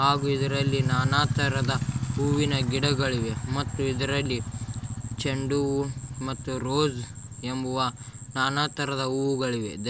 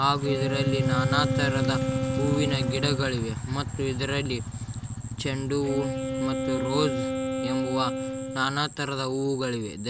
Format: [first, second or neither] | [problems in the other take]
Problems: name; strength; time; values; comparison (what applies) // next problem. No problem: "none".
first | background sound (Wind instrument, woodwind instrument); 5 dB below the speech